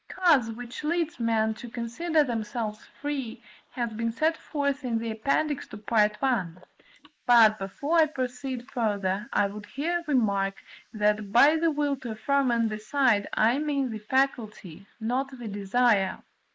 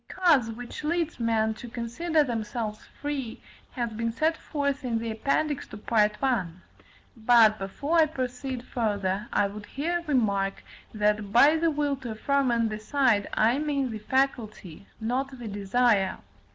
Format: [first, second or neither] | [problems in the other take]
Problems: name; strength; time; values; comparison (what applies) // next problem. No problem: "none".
second | noise reduction (neural mask model Resemble Enhance denoiser)